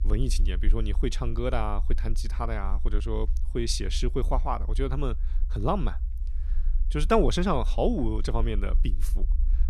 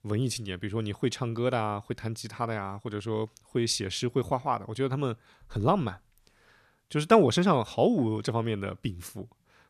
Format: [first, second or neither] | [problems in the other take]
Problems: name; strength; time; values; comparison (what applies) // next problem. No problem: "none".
second | low rumble; faint; throughout; 25 dB below the speech